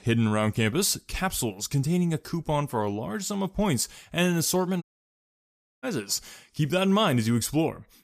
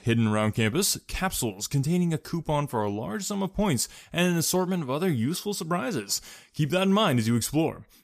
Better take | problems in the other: second | audio cutting out; at 5 s for 1 s

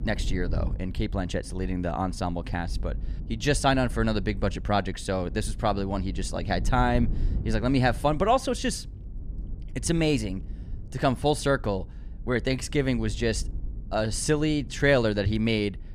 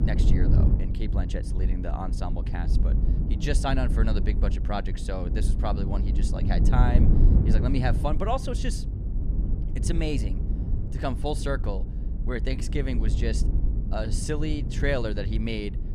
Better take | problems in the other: first | low rumble; loud; throughout; 7 dB below the speech; faint in the first

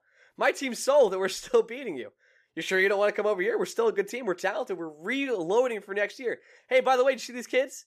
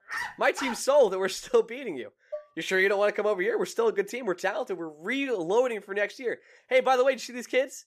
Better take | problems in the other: first | dog barking; noticeable; at the start; peak 7 dB below the speech // clattering dishes; faint; at 2.5 s; peak 15 dB below the speech

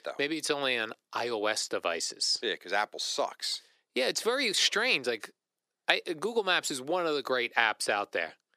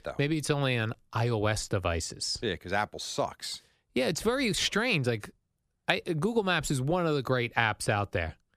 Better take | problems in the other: second | thin; somewhat; fading below 350 Hz

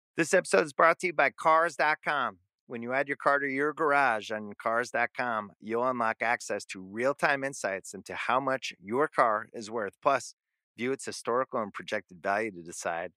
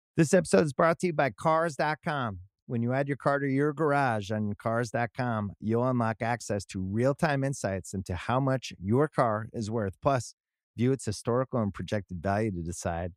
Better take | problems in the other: second | thin; somewhat; fading below 350 Hz

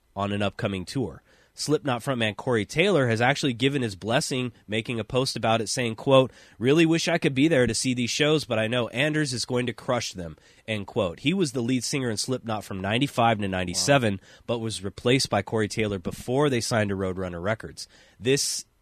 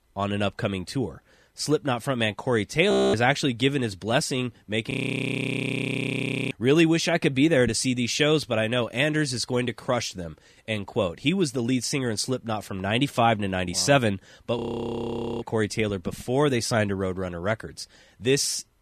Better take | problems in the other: first | audio freezing; at 3 s, at 5 s for 1.5 s and at 15 s for 1 s

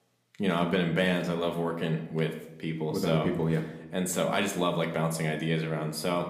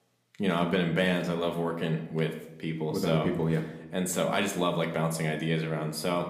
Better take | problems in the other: neither | room echo; slight; dies away in 0.6 s; the same in both

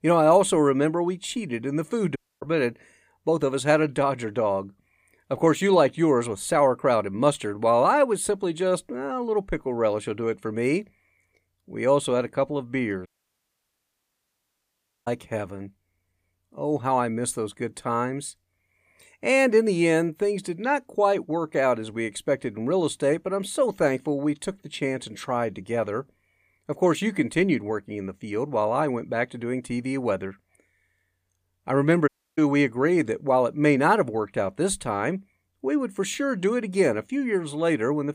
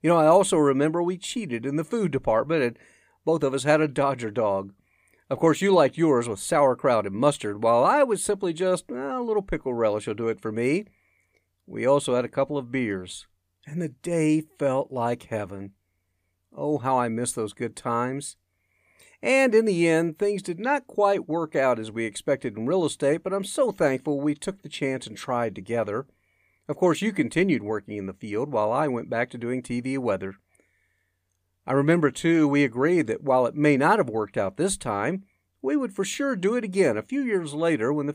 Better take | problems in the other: second | audio cutting out; at 2 s, at 13 s for 2 s and at 32 s

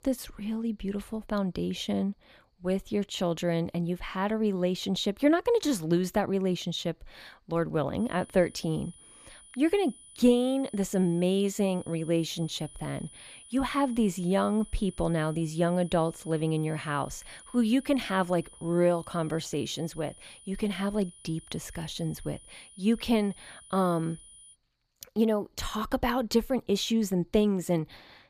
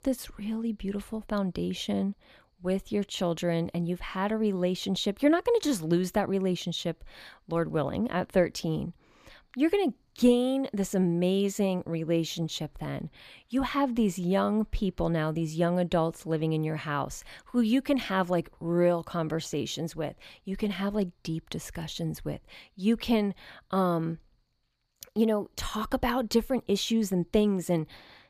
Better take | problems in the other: second | high-pitched whine; faint; from 8 to 25 s; 9.5 kHz, 20 dB below the speech

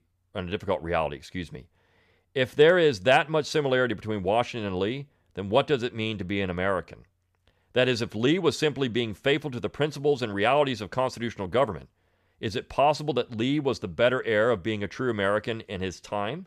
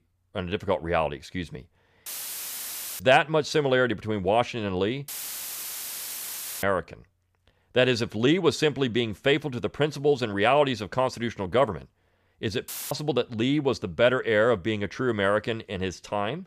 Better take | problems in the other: first | audio cutting out; filled with static; at 2 s for 1 s, at 5 s for 1.5 s and at 13 s

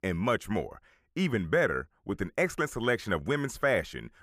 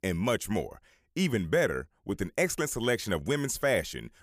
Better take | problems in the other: second | muffled; slightly; fading above 4 kHz

